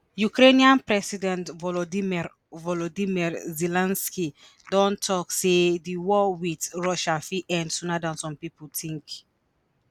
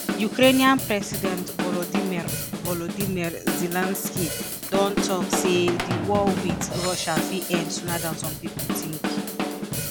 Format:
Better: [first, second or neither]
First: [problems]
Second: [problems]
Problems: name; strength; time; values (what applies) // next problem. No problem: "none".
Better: first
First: none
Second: background sound (Drum / Drum kit); 2 dB below the speech